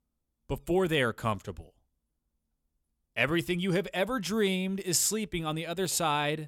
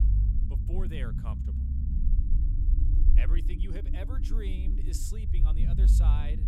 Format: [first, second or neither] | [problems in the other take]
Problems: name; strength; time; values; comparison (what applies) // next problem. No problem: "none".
first | low rumble; loud; throughout; 2 dB below the speech